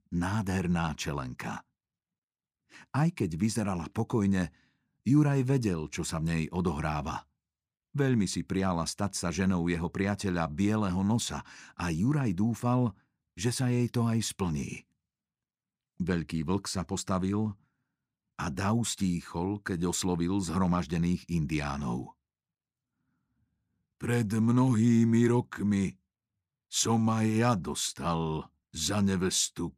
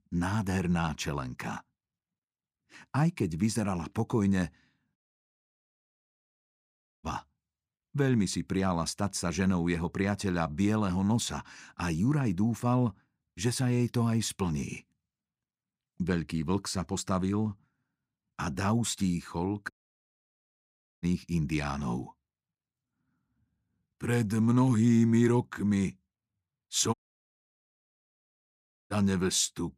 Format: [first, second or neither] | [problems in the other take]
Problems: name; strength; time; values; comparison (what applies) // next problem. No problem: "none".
first | audio cutting out; at 5 s for 2 s, at 20 s for 1.5 s and at 27 s for 2 s